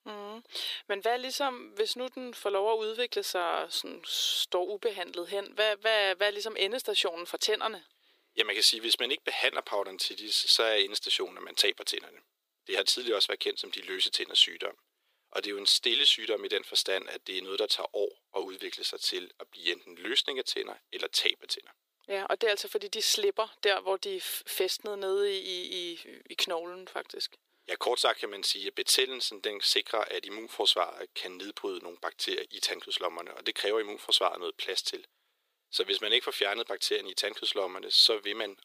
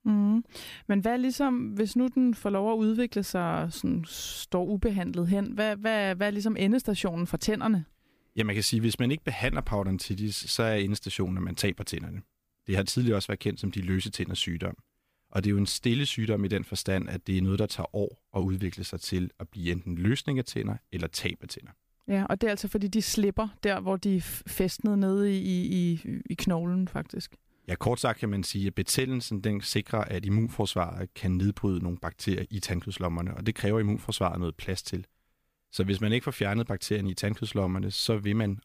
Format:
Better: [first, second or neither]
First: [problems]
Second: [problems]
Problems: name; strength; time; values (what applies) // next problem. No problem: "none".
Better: second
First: thin; very; fading below 400 Hz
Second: none